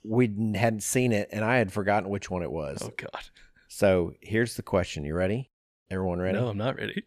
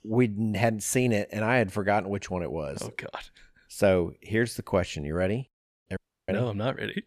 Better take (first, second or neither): first